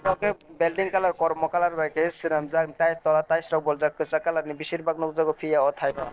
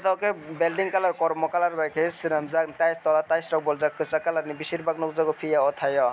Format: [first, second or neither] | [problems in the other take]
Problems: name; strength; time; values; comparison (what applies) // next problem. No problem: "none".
second | noise reduction (neural separator model SepFormer DNS4)